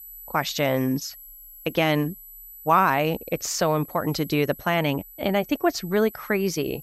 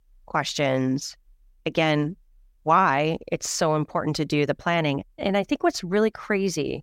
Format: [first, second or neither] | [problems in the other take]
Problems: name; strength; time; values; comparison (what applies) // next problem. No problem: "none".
second | high-pitched whine; noticeable; throughout; 12 kHz, 15 dB below the speech